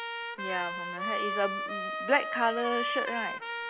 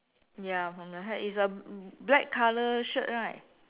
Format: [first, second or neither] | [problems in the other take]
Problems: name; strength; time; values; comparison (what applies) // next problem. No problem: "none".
second | background sound (Trumpet); 2 dB below the speech